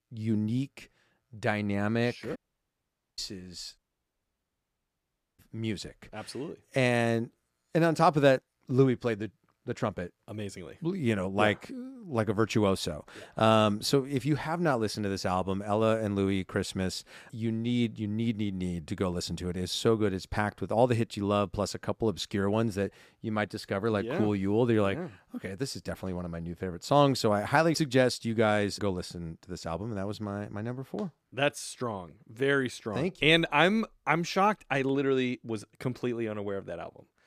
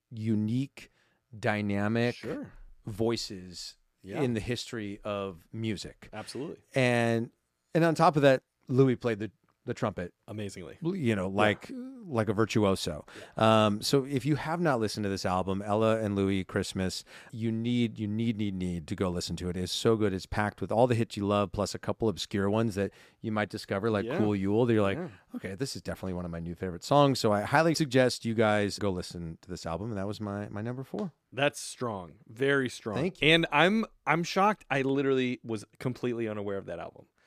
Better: second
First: audio cutting out; at 2.5 s for 1 s and at 4 s for 1.5 s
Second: none

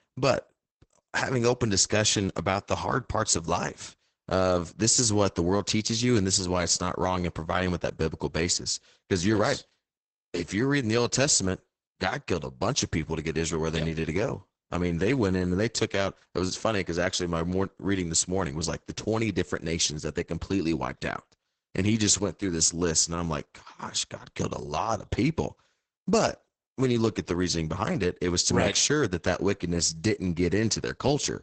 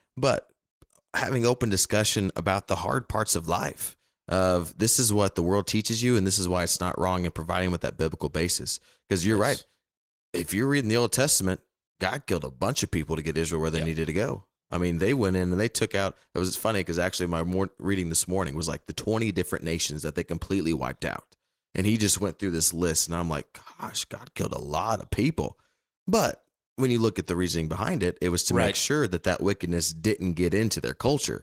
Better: second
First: garbled, watery; badly; nothing above 8 kHz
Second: garbled, watery; slightly; nothing above 16.5 kHz

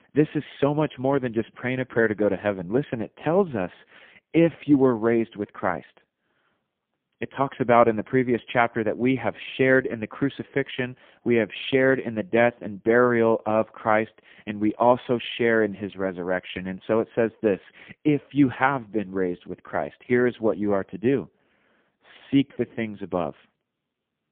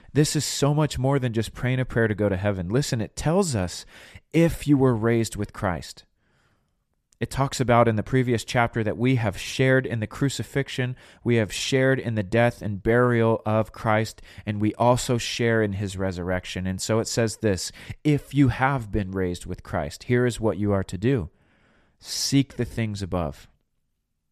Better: second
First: phone-call audio; poor line; nothing above 3.5 kHz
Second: none

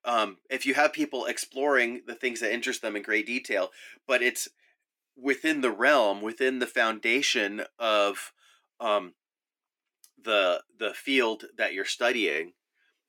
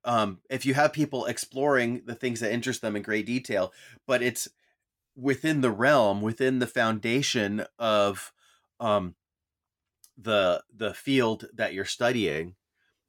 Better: second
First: thin; very slightly; fading below 300 Hz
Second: none

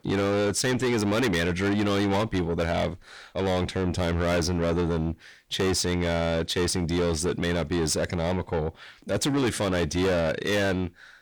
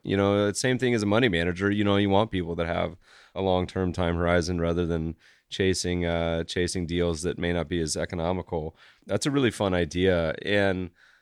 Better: second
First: distortion; heavy; 6 dB below the speech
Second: none

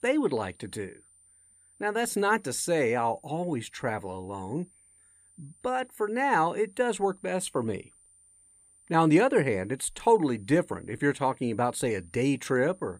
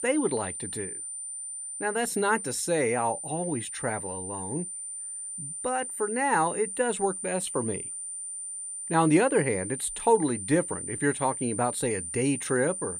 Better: first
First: high-pitched whine; faint; throughout; 9 kHz, 30 dB below the speech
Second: high-pitched whine; loud; throughout; 9 kHz, 6 dB below the speech

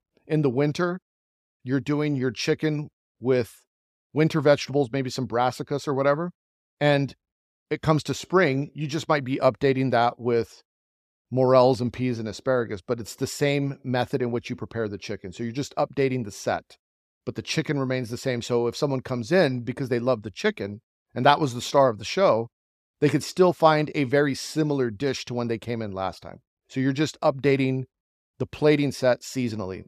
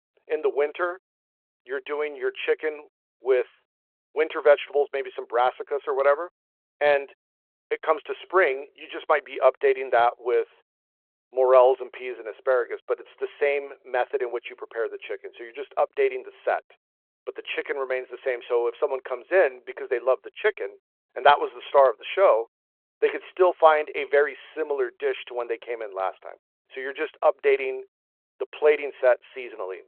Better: first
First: none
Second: phone-call audio

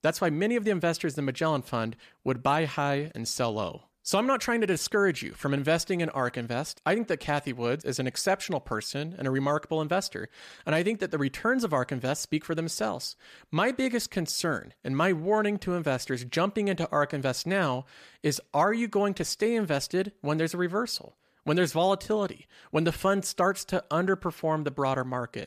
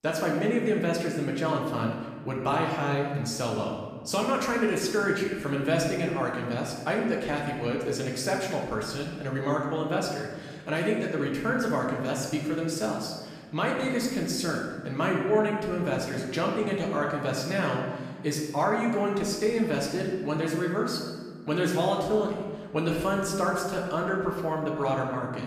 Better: first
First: none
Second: room echo; noticeable; dies away in 1.3 s // off-mic speech; far

